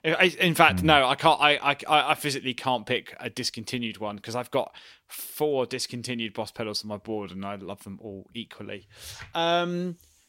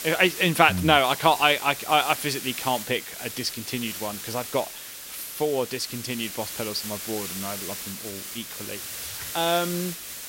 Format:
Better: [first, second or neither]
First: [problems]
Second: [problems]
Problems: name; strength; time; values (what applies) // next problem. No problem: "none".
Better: first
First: none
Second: hiss; loud; throughout; 9 dB below the speech